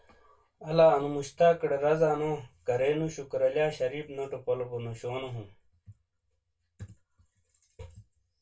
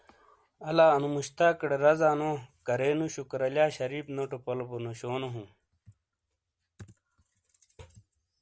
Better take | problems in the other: second | room echo; dies away in 0.2 s

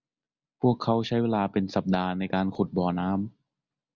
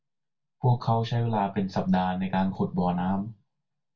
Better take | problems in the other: first | room echo; dies away in 0.2 s

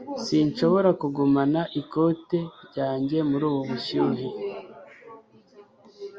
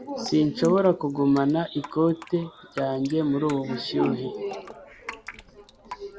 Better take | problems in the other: first | background sound (Drip); 20 dB below the speech

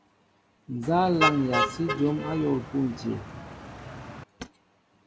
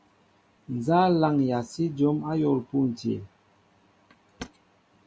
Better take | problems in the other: second | background sound (Motor vehicle (road)); 2 dB below the speech

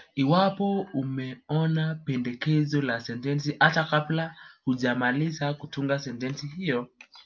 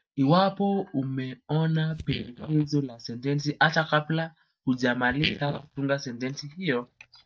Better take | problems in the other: first | noise reduction (neural mask model DeepFilterNet 3)

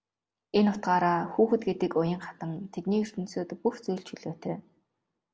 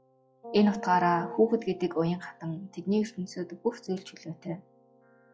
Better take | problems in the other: first | noise reduction (classical method log-MMSE)

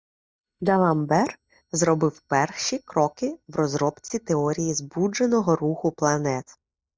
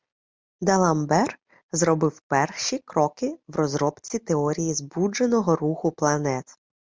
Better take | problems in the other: second | noise reduction (neural mask model DeepFilterNet 3)

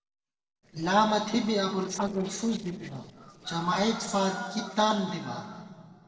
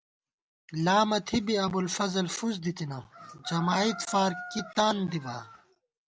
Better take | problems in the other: second | noise reduction (neural separator model SepFormer DNS4)

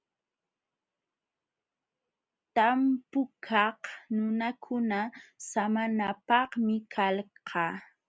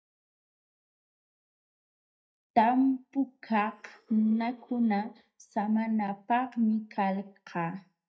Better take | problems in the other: first | noise reduction (neural mask model DeepFilterNet 3)

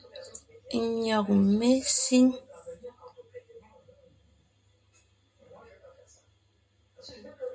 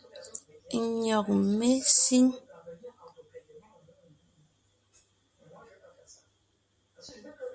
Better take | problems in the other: second | room echo; dies away in 0.2 s

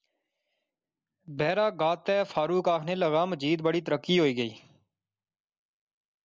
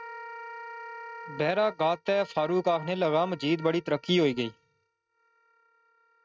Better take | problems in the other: first | noise reduction (neural mask model RNNoise)

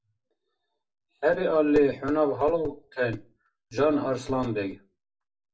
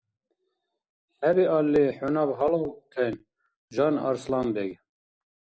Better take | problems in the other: second | room echo; dies away in 0.2 s

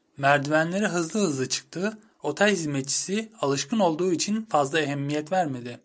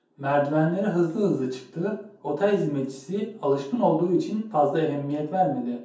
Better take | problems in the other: first | room echo; dies away in 0.6 s

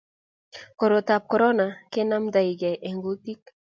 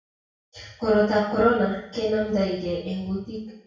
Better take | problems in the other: first | room echo; dies away in 0.6 s

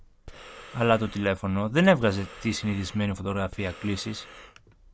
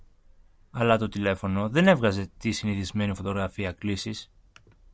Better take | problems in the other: second | background sound (Breathing); 20 dB below the speech

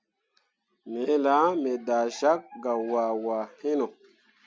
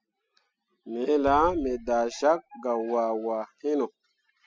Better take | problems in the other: first | noise reduction (classical method spectral subtraction)

